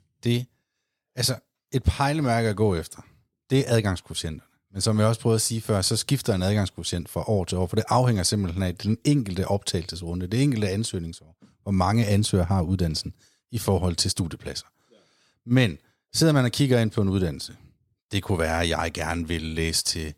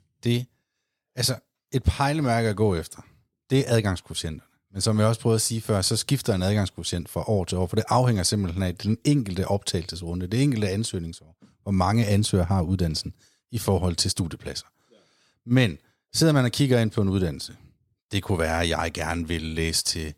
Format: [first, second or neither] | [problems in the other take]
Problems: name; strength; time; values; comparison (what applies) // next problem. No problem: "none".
neither | none